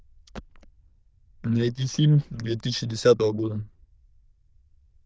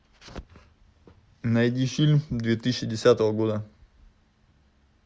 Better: second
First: noise reduction (neural diffusion model UNIVERSE++)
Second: none

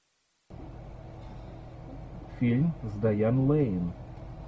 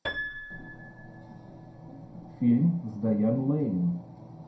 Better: first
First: none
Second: background sound (Piano); 12 dB below the speech // room echo; dies away in 0.4 s

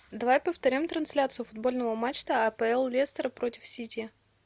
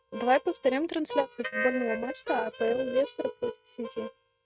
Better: first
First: none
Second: noise reduction (neural mask model RNNoise)

